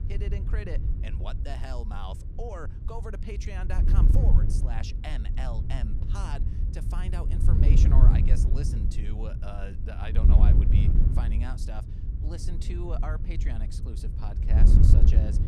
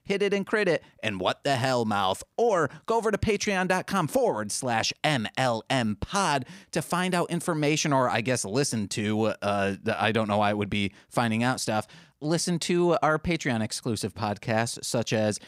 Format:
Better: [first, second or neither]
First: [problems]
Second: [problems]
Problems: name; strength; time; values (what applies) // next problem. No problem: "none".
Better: second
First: wind noise on the microphone; heavy; as loud as the speech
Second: none